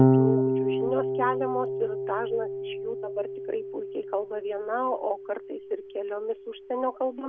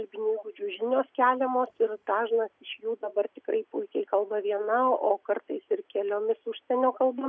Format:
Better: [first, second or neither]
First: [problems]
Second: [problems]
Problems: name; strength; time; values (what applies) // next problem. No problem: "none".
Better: second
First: background sound (Electric guitar / Bass guitar); 3 dB above the speech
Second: none